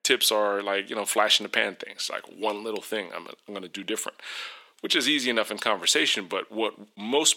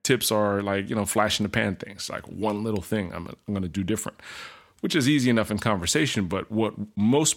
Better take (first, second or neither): second